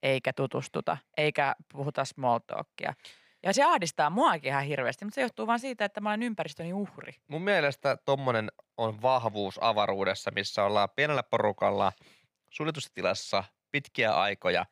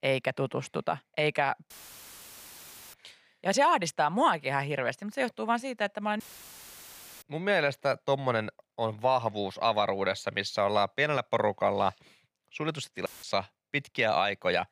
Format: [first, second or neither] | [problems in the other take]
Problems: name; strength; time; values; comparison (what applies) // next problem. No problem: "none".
first | audio cutting out; filled with static; at 1.5 s for 1 s, at 6 s for 1 s and at 13 s